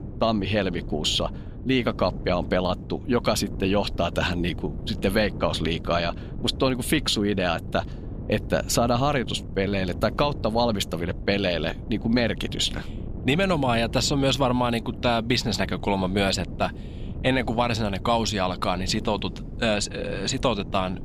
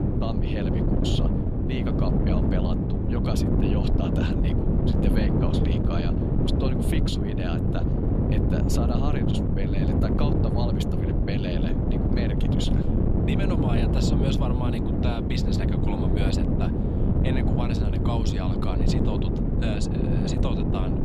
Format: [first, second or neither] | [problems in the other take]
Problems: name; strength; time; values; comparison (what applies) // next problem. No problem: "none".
first | wind noise on the microphone; heavy; 4 dB above the speech; occasional gusts in the first